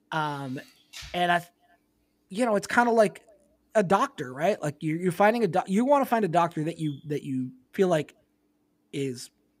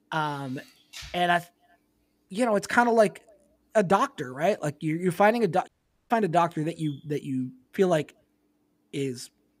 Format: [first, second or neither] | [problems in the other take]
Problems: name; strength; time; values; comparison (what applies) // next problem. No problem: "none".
first | audio cutting out; at 5.5 s